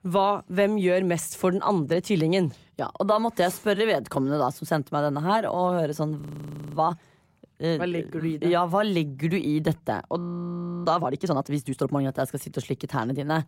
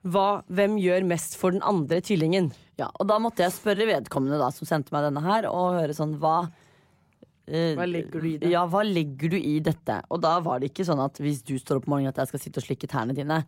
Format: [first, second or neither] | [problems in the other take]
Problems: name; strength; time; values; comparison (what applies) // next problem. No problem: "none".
second | audio freezing; at 6 s for 0.5 s and at 10 s for 0.5 s